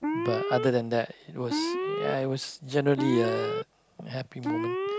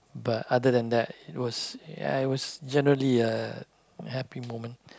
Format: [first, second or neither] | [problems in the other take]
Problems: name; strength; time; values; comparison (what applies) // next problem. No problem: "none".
second | background sound (Alarm); 2 dB below the speech